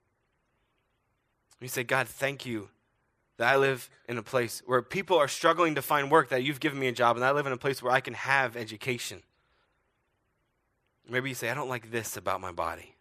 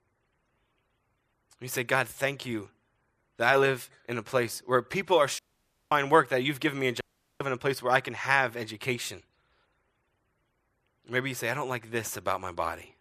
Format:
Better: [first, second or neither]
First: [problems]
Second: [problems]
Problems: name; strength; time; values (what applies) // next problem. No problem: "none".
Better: first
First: none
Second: audio cutting out; at 5.5 s for 0.5 s and at 7 s